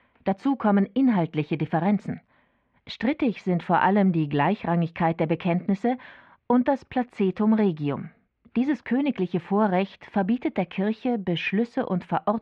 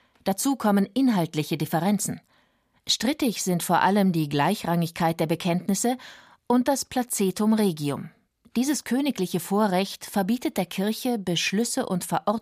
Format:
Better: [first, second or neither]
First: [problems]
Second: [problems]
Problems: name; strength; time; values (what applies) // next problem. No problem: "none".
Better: second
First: muffled; very; fading above 2.5 kHz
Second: none